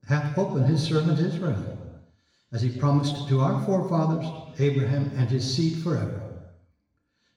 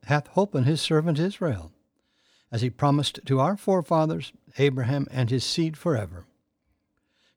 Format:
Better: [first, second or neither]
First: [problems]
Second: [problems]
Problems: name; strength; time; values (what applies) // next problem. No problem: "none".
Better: second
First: room echo; noticeable; dies away in 1.2 s // off-mic speech; far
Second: none